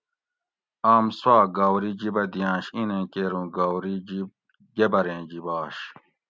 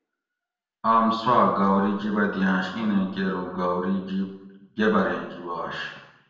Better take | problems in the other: first | room echo; dies away in 0.7 s

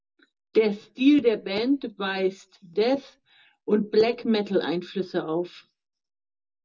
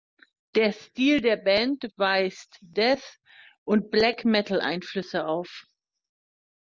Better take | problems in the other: second | room echo; dies away in 0.2 s

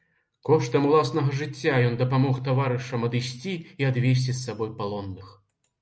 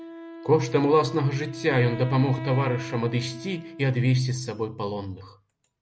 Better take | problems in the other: first | background sound (Wind instrument, woodwind instrument); 15 dB below the speech

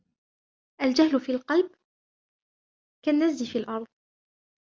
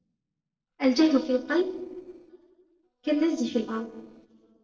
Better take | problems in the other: first | noise reduction (neural separator model SepFormer DNS4)

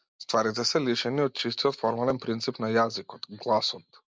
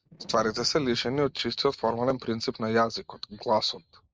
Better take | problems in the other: first | noise reduction (neural mask model RNNoise)

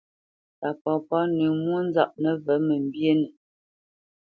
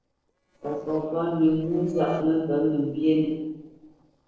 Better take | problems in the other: first | noise reduction (neural separator model SepFormer DNS4)

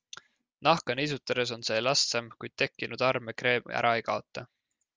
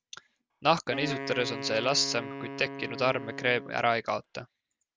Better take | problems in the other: first | background sound (Wind instrument, woodwind instrument); 9 dB below the speech

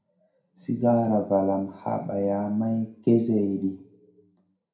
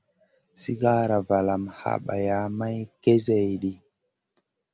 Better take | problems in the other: second | room echo; dies away in 0.5 s

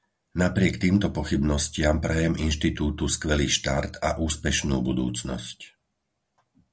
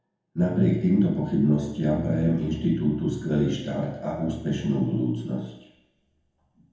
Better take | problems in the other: first | room echo; dies away in 1 s

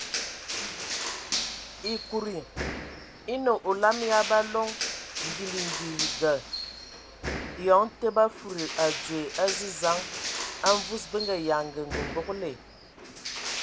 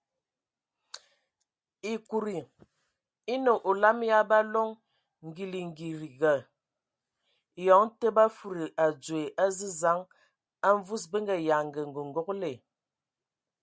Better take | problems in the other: second | background sound (Crushing); 6 dB below the speech

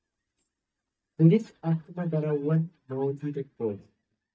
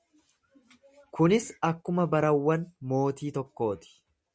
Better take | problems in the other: second | noise reduction (neural mask model DeepFilterNet 3)

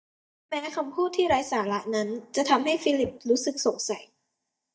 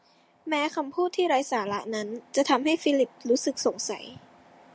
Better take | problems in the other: second | noise reduction (neural mask model DeepFilterNet 3)

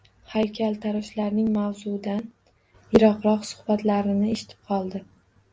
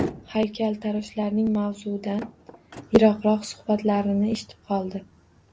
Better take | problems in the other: first | background sound (Motor vehicle (road)); 15 dB below the speech

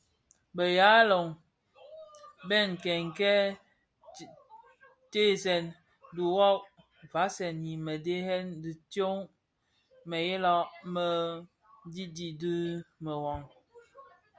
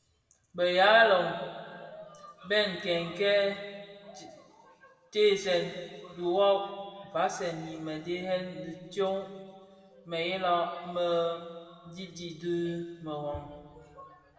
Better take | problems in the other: first | room echo; dies away in 2 s

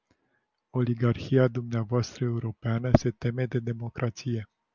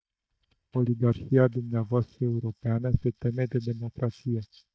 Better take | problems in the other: first | noise reduction (neural mask model DeepFilterNet 3)

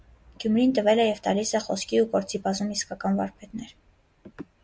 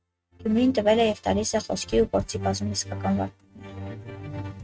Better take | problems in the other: first | noise reduction (neural mask model RNNoise)

